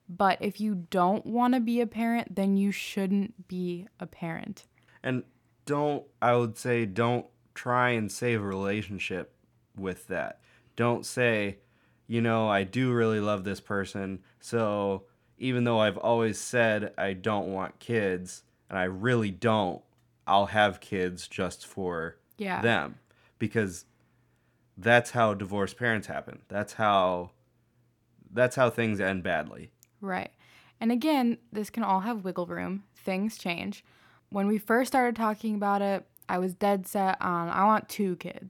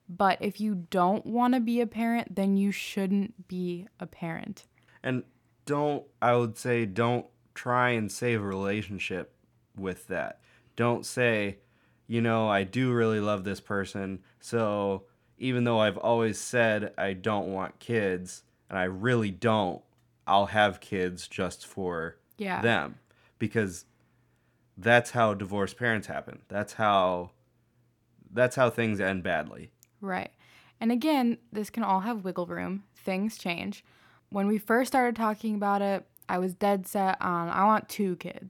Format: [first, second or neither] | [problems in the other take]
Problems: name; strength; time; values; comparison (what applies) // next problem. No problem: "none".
neither | none